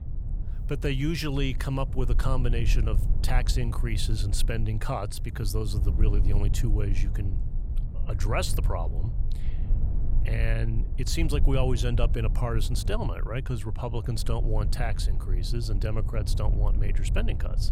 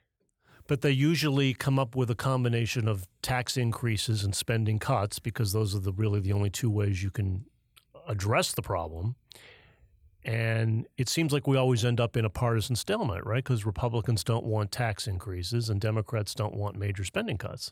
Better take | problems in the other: second | low rumble; noticeable; throughout; 15 dB below the speech

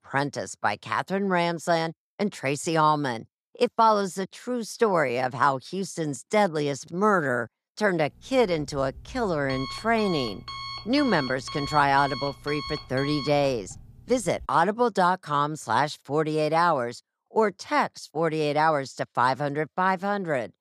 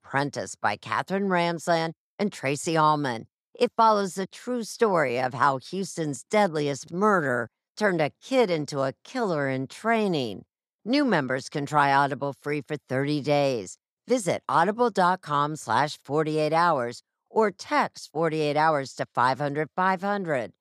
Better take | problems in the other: second | alarm; noticeable; from 8 to 14 s; peak 9 dB below the speech

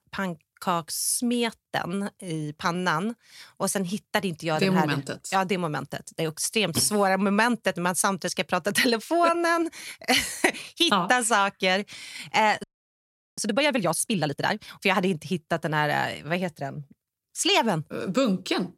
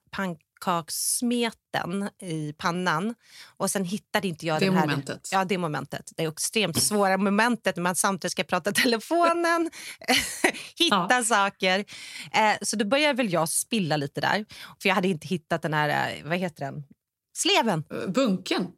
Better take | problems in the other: second | audio freezing; at 13 s for 0.5 s

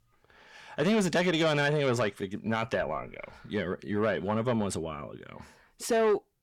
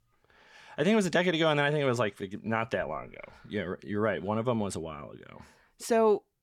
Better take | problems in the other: second | distortion; slight; 10 dB below the speech

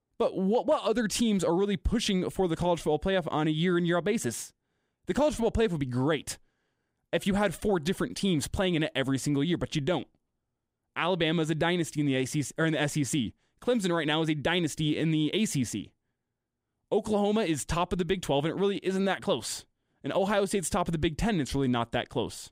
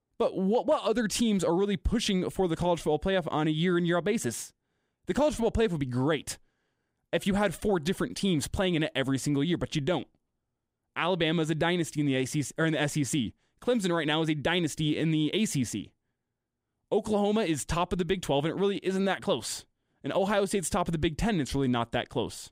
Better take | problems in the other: neither | none

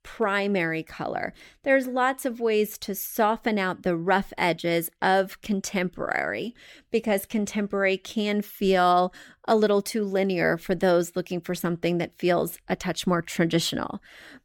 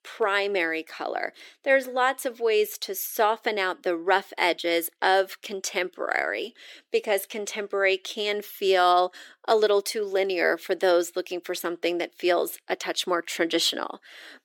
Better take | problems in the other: first | thin; very; fading below 350 Hz

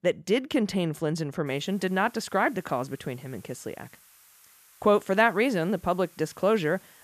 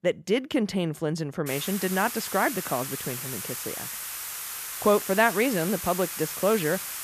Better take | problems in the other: first | hiss; loud; from 1.5 s on; 6 dB below the speech; faint in the first

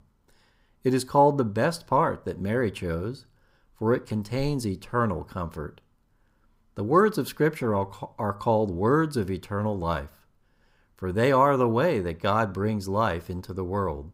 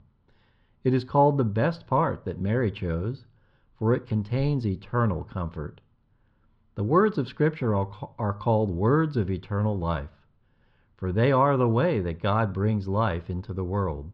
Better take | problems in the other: first | muffled; very slightly; fading above 3.5 kHz

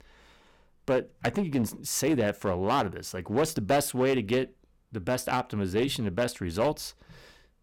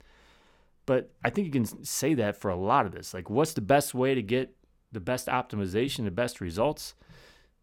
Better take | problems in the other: second | distortion; slight; 5% of the sound clipped

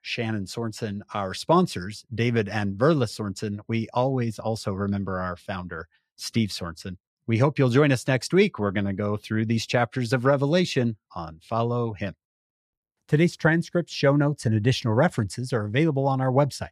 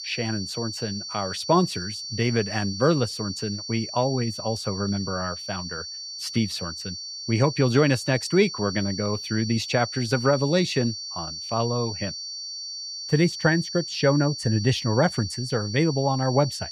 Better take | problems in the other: first | high-pitched whine; loud; throughout; 4.5 kHz, 7 dB below the speech

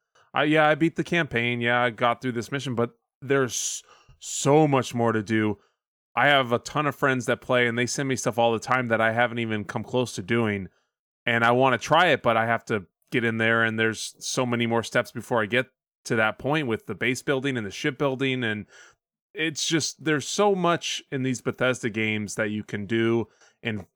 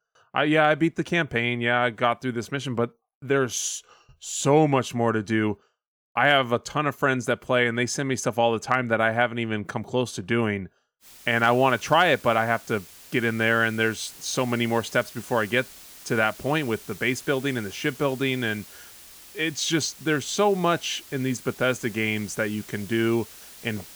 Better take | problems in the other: first | hiss; noticeable; from 11 s on; 20 dB below the speech

